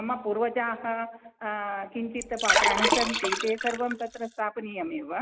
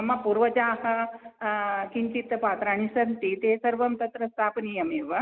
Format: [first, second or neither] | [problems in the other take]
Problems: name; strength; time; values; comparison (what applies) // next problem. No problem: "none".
second | background sound (Liquid); 3 dB above the speech